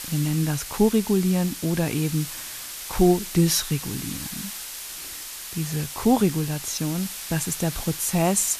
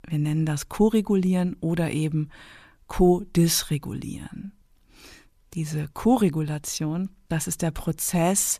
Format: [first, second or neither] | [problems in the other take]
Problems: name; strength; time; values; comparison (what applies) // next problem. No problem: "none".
second | hiss; loud; throughout; 9 dB below the speech